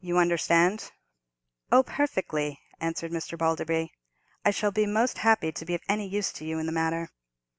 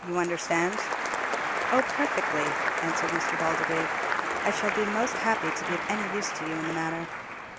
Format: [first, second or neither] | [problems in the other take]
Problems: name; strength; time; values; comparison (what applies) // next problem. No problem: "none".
first | background sound (Applause); 1 dB above the speech